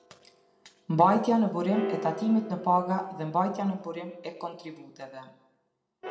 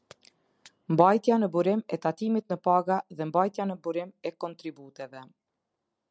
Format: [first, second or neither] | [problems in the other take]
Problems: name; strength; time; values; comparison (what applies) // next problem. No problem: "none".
second | background sound (Piano); 13 dB below the speech // room echo; dies away in 0.8 s